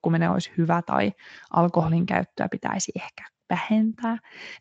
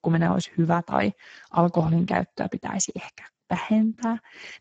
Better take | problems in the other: first | garbled, watery; badly; slightly in the first

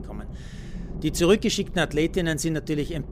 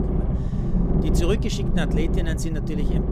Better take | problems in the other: first | low rumble; loud; throughout; 2 dB below the speech; faint in the first

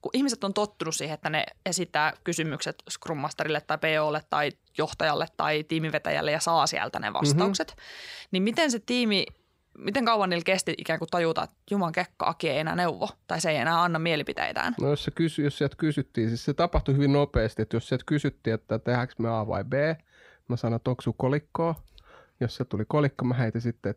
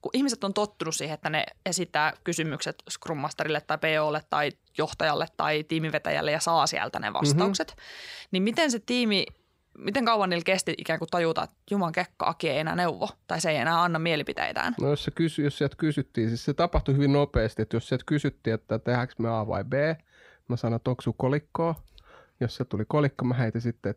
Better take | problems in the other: neither | none

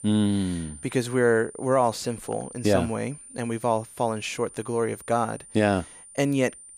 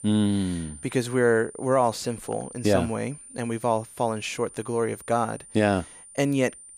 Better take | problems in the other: neither | high-pitched whine; noticeable; throughout; 9 kHz, 15 dB below the speech; the same in both

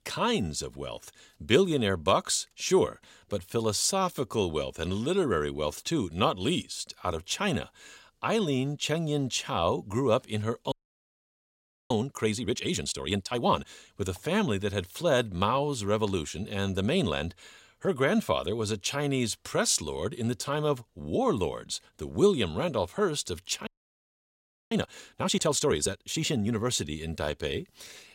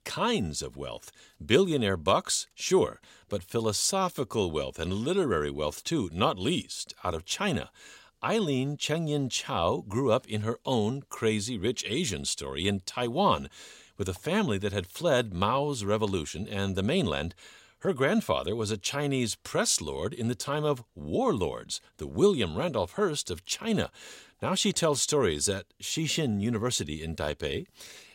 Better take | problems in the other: second | audio freezing; at 11 s for 1 s and at 24 s for 1 s

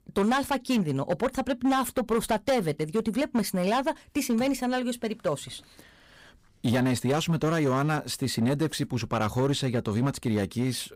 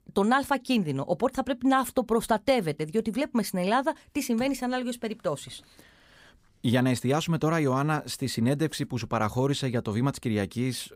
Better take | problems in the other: second | distortion; slight; 8% of the sound clipped

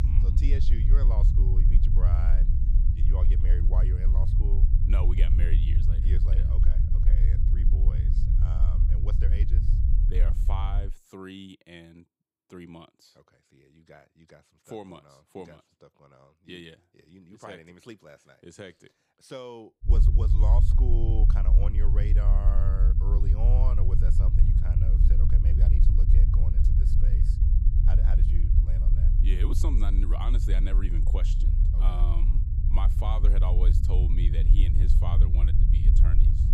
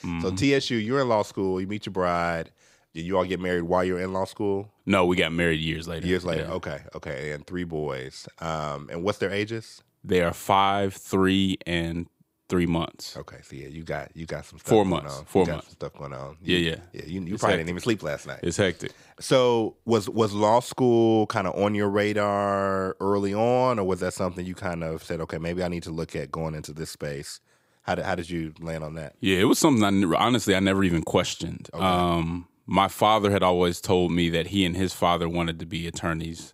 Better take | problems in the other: second | low rumble; loud; until 11 s and from 20 s on; 1 dB below the speech

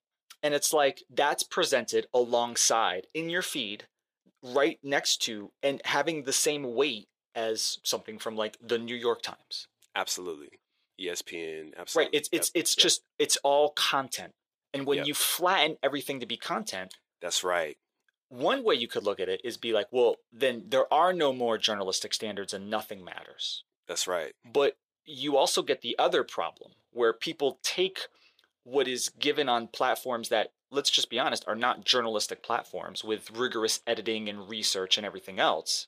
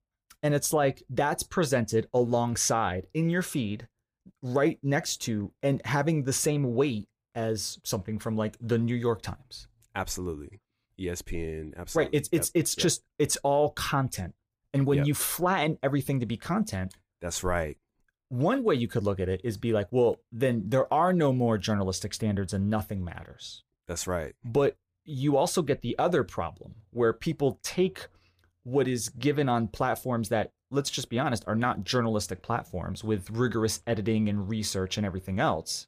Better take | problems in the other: second | thin; somewhat; fading below 450 Hz

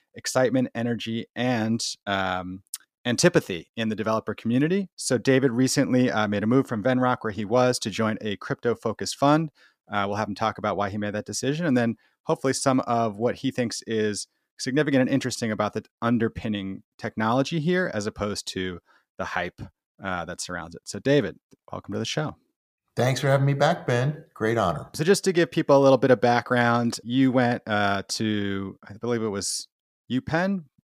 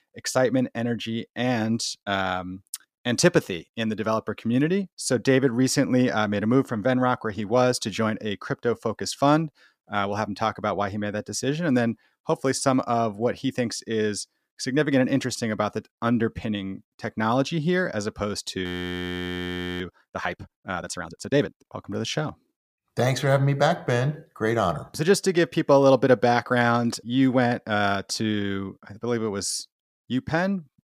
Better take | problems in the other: first | audio freezing; at 19 s for 1 s

